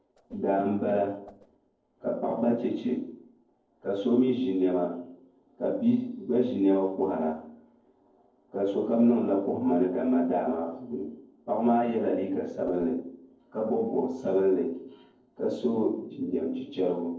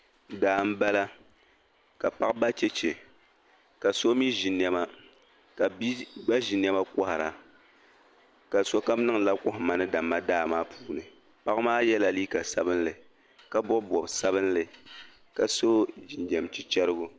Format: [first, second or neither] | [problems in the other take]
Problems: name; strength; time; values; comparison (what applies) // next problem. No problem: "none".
second | noise reduction (neural separator model SepFormer DNS4)